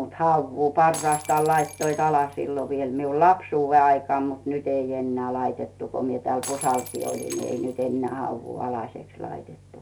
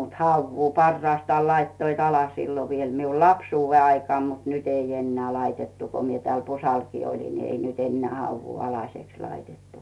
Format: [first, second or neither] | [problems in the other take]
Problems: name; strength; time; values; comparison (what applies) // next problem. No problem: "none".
second | background sound (Shatter); 16 dB below the speech